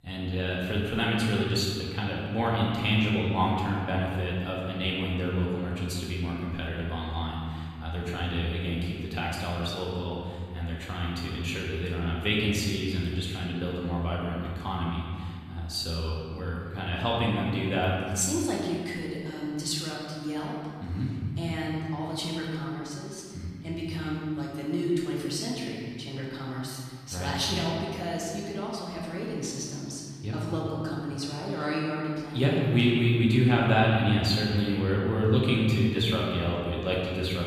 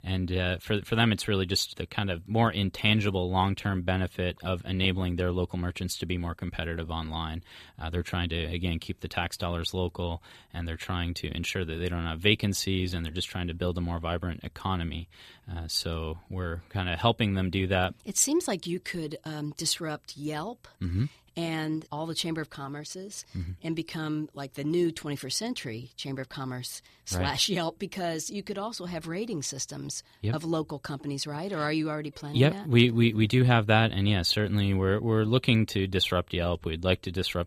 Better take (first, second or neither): second